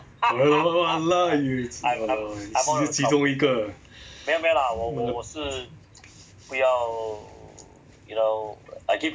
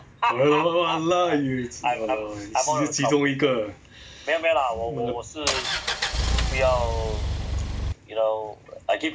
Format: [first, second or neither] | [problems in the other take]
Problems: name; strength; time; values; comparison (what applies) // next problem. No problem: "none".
first | background sound (Engine); 1 dB below the speech